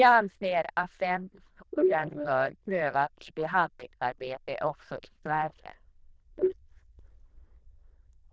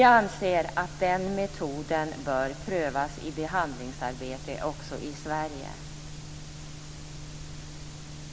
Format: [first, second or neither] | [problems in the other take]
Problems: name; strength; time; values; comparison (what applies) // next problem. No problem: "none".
second | noise reduction (neural diffusion model UNIVERSE++)